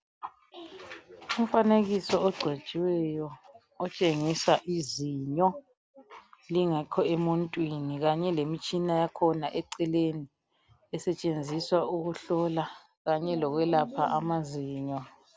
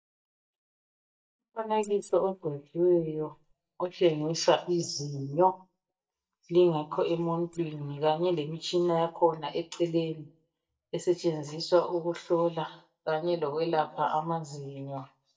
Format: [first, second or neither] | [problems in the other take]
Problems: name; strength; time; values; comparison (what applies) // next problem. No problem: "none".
first | noise reduction (neural mask model DeepFilterNet 3)